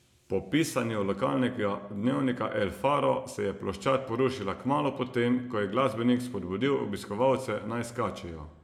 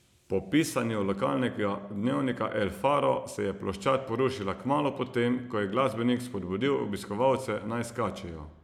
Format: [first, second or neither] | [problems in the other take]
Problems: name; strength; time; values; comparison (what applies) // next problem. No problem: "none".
second | room echo; dies away in 0.5 s